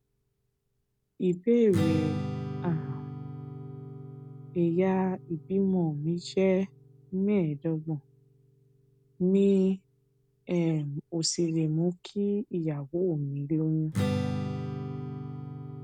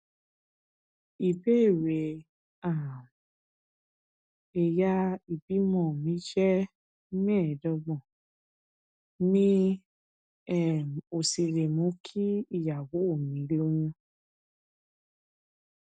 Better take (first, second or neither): second